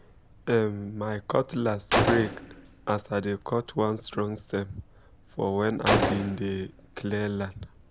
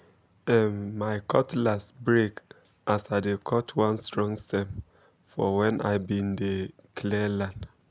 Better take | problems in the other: second | background sound (Gunshot, gunfire); 4 dB below the speech

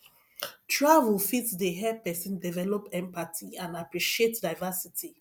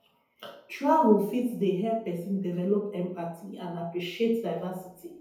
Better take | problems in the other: first | room echo; dies away in 1.9 s

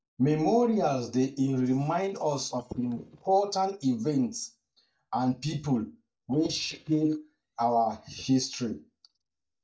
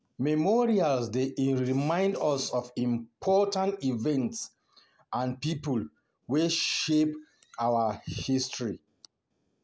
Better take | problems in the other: second | noise reduction (neural mask model DeepFilterNet 3)

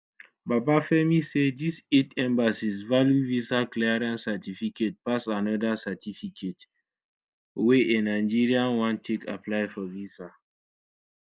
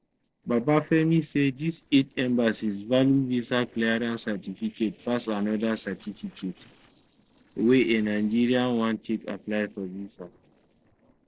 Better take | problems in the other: first | noise reduction (neural separator model SepFormer DNS4)

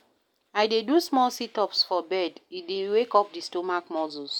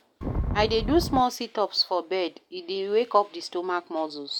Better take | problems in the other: first | background sound (Wind); 3 dB below the speech

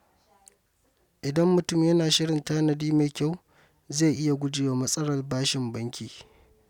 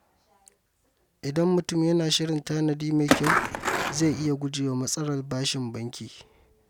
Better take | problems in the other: first | background sound (Skateboard); 2 dB above the speech

